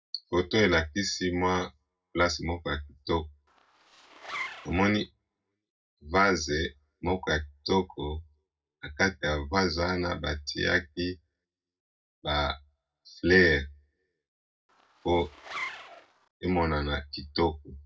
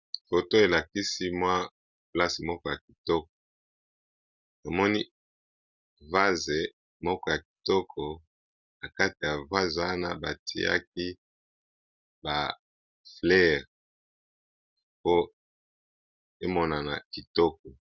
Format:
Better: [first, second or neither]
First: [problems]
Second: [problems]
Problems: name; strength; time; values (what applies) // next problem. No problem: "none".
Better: second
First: noise reduction (neural separator model SepFormer DNS4)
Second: none